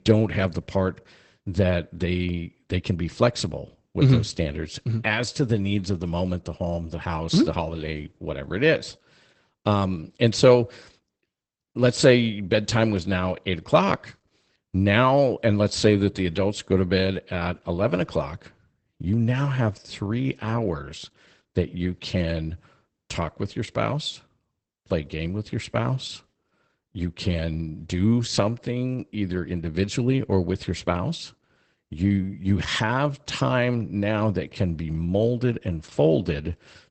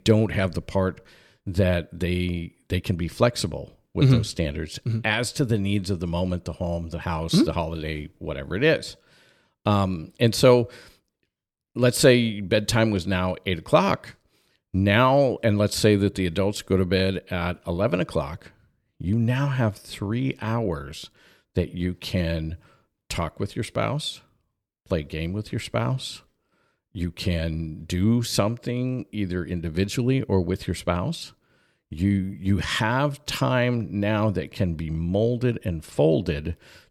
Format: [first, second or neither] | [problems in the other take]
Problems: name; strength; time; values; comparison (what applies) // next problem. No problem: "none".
second | garbled, watery; badly; nothing above 8 kHz